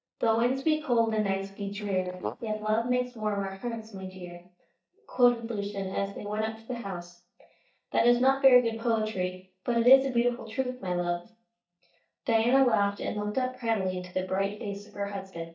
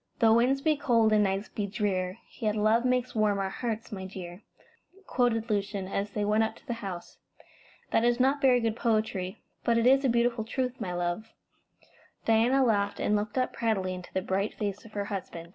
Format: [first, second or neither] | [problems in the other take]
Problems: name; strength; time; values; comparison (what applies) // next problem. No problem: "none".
second | noise reduction (neural mask model DeepFilterNet 3)